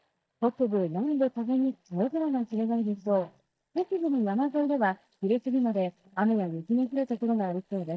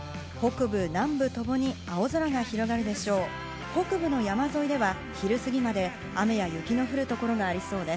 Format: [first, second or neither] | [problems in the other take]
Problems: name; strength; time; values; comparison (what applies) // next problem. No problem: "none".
second | noise reduction (neural mask model DeepFilterNet 3)